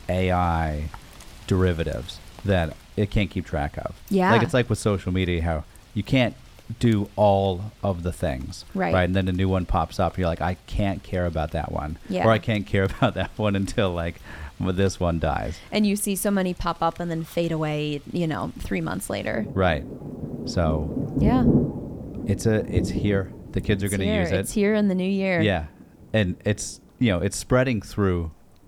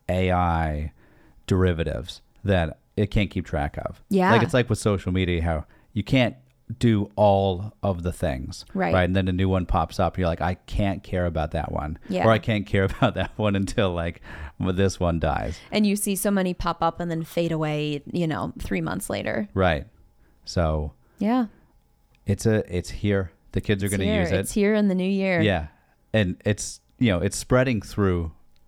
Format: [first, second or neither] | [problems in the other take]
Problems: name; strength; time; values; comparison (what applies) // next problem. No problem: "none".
second | rain or running water; loud; throughout; 6 dB below the speech